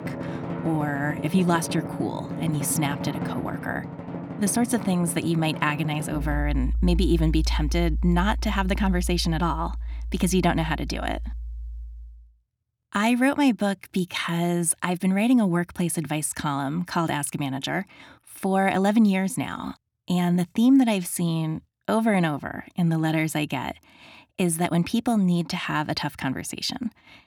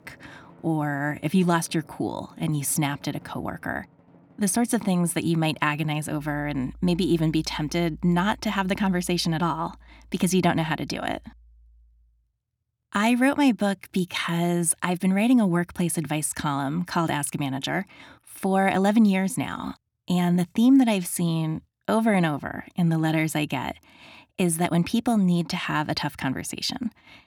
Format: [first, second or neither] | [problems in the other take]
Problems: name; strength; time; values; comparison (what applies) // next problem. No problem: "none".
second | background music; loud; until 12 s; 7 dB below the speech; faint in the second